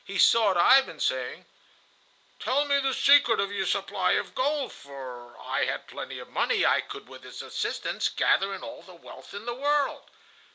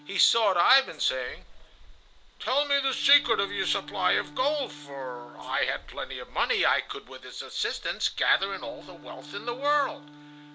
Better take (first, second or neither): first